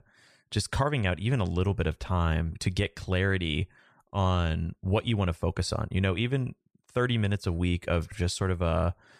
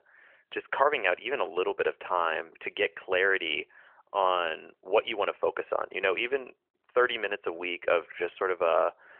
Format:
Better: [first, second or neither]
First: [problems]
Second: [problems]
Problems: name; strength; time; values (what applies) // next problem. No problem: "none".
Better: first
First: none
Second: phone-call audio; nothing above 3 kHz